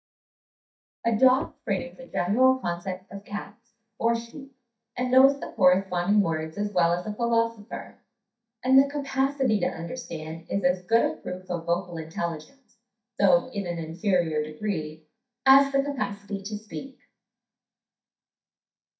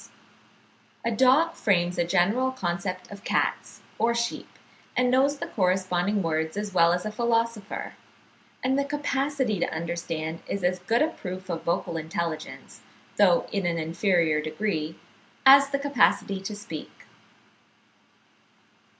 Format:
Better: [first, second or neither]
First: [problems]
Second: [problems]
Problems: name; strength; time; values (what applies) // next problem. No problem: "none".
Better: second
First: noise reduction (neural mask model DeepFilterNet 3)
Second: none